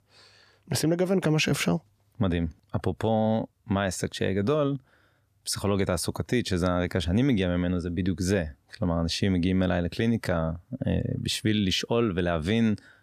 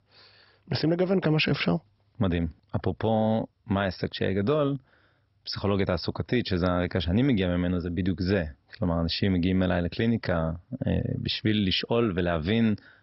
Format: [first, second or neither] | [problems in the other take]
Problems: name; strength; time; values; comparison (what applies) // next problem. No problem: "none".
first | garbled, watery; badly; nothing above 5.5 kHz